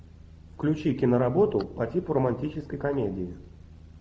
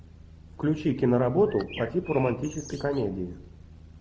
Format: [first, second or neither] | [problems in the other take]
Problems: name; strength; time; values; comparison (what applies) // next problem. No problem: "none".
first | background sound (Bird); 17 dB below the speech